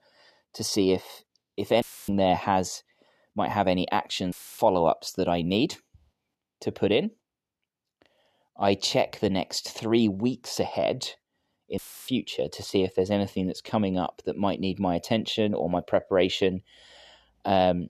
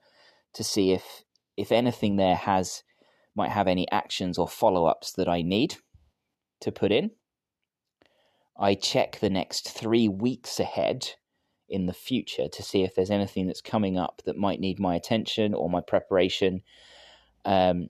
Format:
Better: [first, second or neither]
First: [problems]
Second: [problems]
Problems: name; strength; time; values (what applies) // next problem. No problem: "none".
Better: second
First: audio cutting out; filled with static; at 2 s, at 4.5 s and at 12 s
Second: none